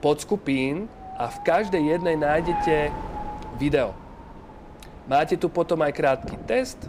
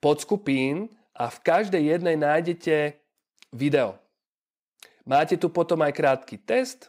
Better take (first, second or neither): second